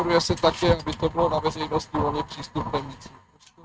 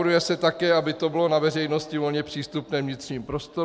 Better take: second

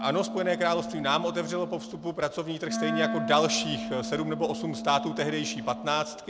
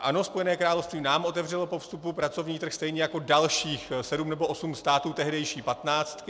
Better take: second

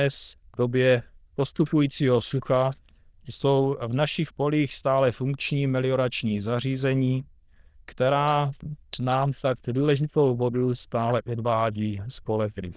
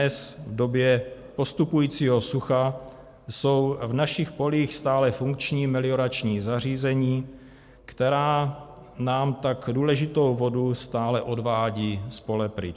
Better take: second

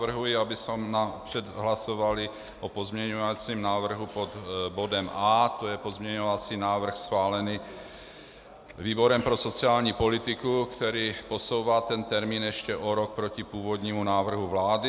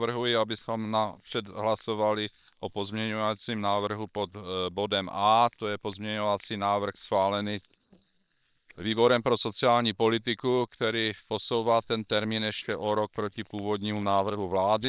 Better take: first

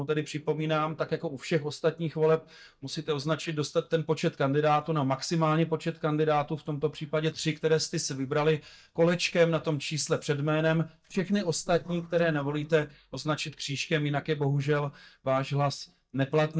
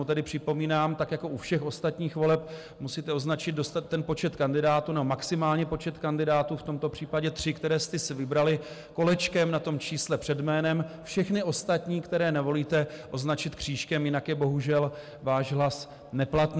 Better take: second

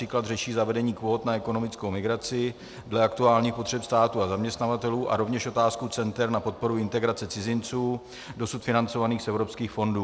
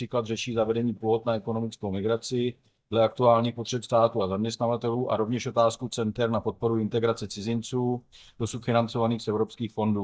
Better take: first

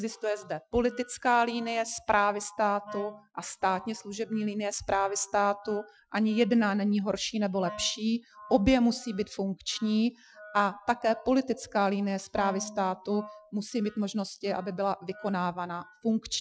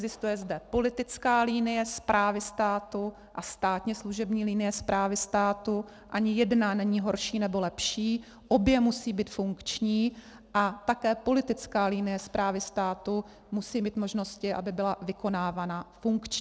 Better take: second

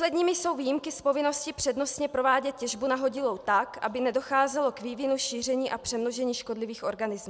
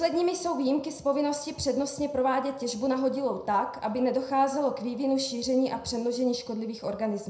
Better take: first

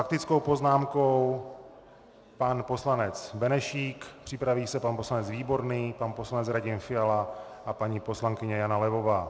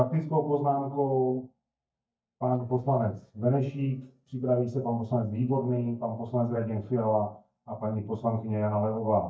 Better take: first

